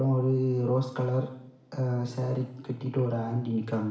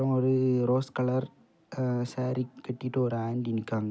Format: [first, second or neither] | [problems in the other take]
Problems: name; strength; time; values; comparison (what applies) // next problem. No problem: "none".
second | room echo; dies away in 0.8 s